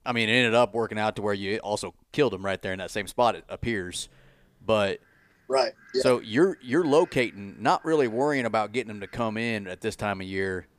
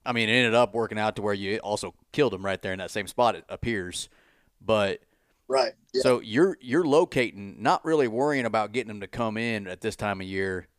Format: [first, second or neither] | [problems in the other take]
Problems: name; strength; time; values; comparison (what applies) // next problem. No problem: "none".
second | animal sounds; faint; throughout; 30 dB below the speech